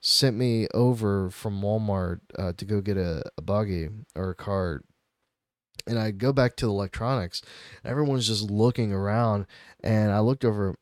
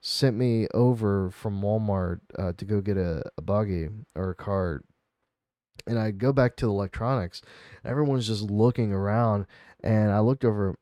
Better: first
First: none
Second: muffled; slightly; fading above 2.5 kHz

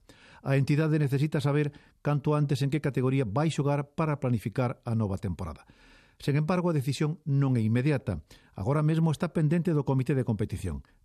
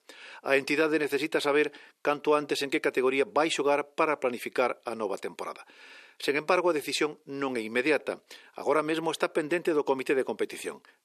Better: first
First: none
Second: thin; very; fading below 350 Hz

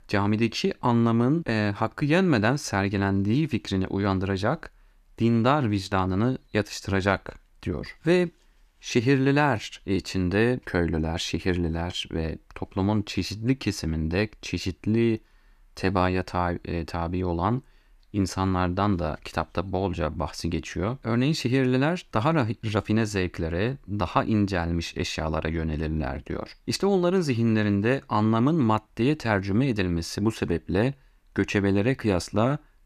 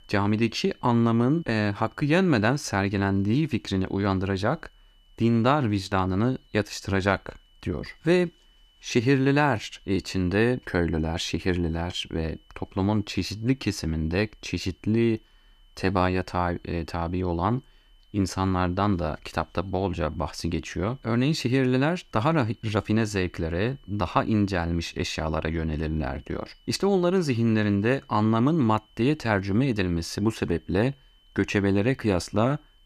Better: first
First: none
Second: high-pitched whine; faint; throughout; 3 kHz, 35 dB below the speech

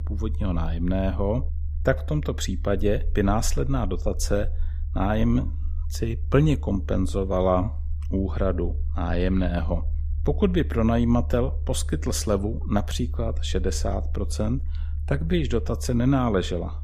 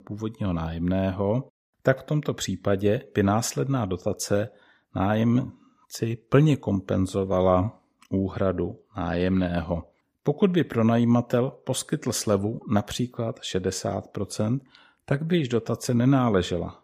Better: second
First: low rumble; faint; throughout; 20 dB below the speech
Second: none

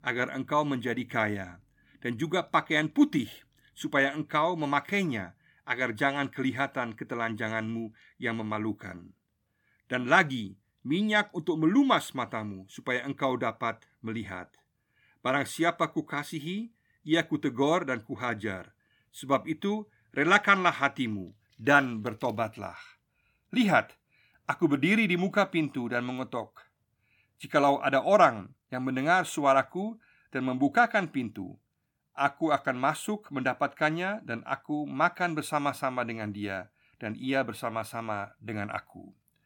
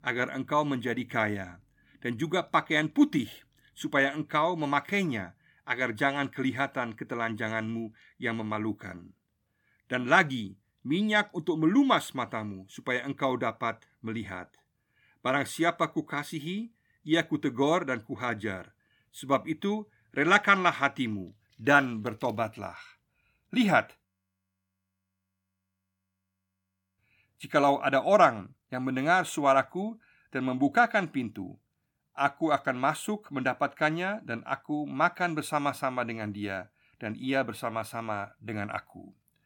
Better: first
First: none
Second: audio freezing; at 24 s for 3 s

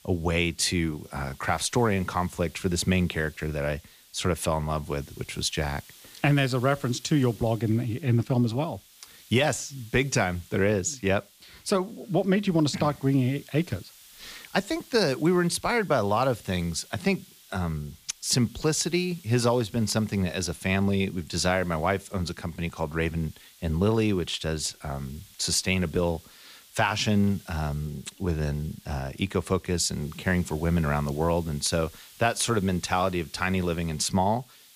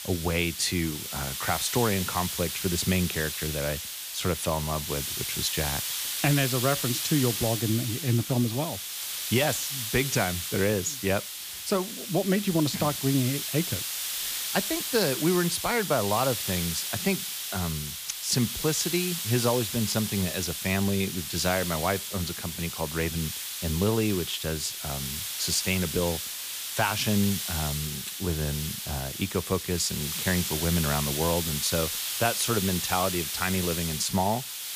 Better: first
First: hiss; faint; throughout; 25 dB below the speech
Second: hiss; loud; throughout; 2 dB below the speech

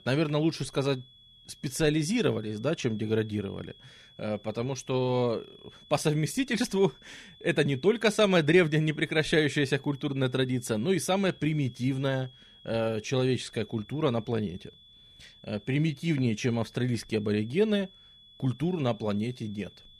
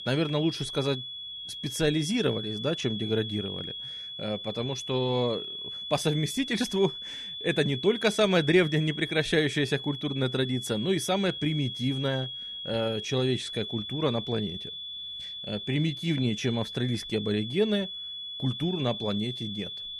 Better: first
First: high-pitched whine; faint; throughout; 3.5 kHz, 25 dB below the speech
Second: high-pitched whine; loud; throughout; 3.5 kHz, 7 dB below the speech

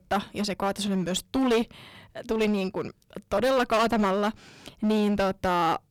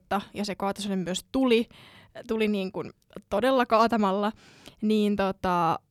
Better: second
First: distortion; heavy; 12% of the sound clipped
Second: none

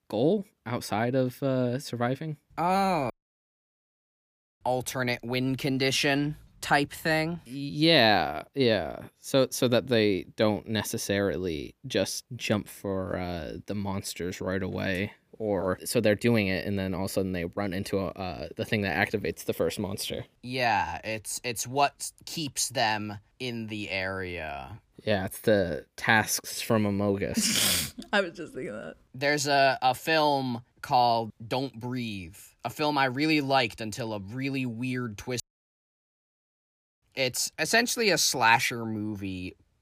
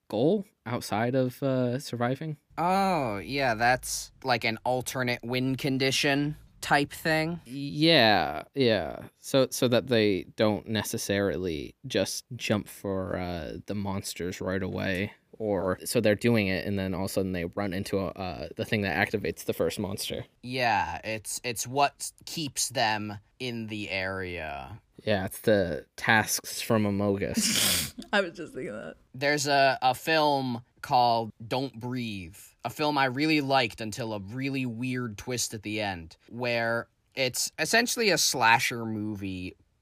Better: second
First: audio cutting out; at 3 s for 1.5 s and at 35 s for 1.5 s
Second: none

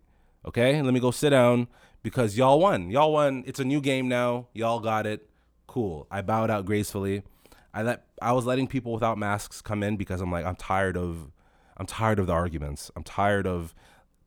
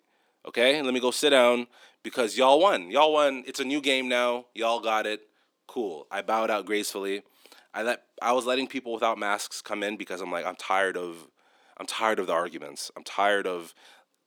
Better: first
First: none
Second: thin; somewhat; fading below 300 Hz

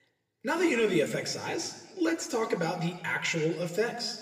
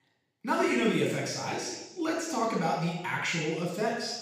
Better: first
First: room echo; slight; dies away in 1.1 s // off-mic speech; somewhat distant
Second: room echo; strong; dies away in 0.9 s // off-mic speech; far

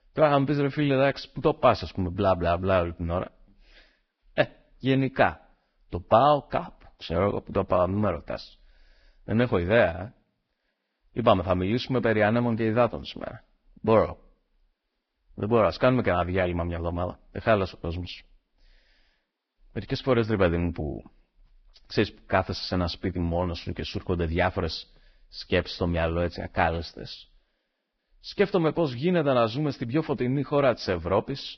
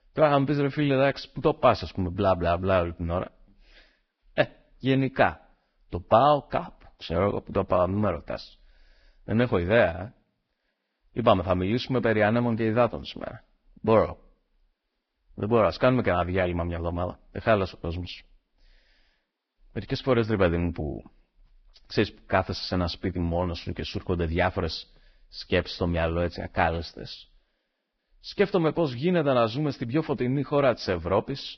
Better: neither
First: garbled, watery; badly; nothing above 5.5 kHz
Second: garbled, watery; badly; nothing above 5.5 kHz

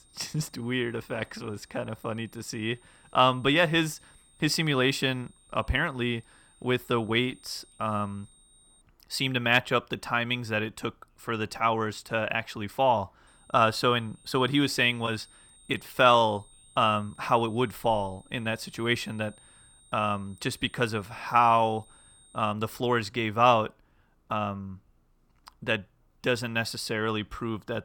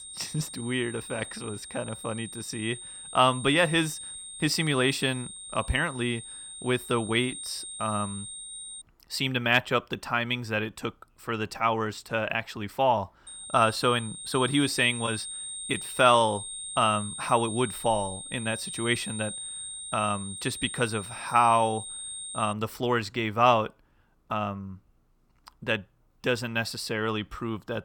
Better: first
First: high-pitched whine; faint; until 9 s and from 13 to 23 s; 8.5 kHz, 30 dB below the speech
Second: high-pitched whine; loud; until 9 s and from 13 to 23 s; 8.5 kHz, 9 dB below the speech

